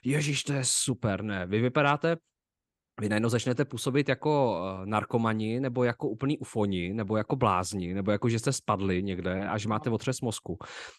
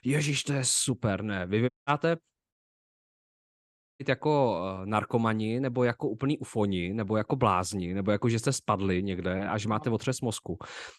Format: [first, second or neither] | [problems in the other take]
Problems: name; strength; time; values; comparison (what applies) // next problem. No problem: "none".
first | audio cutting out; at 1.5 s and at 2.5 s for 1.5 s